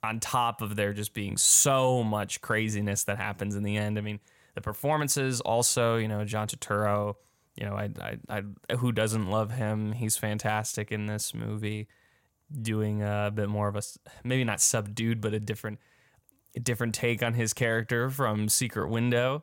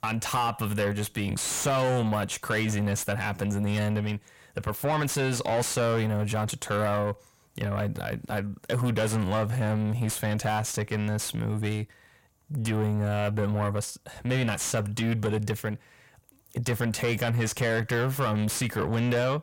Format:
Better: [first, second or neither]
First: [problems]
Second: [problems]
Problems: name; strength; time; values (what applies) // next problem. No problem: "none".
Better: first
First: none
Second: distortion; heavy; 6 dB below the speech